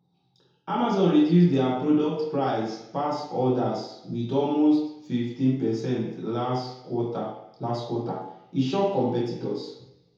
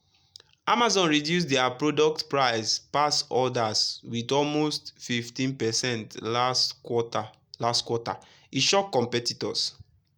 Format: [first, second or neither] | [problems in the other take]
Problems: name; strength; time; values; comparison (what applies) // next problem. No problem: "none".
second | room echo; dies away in 0.8 s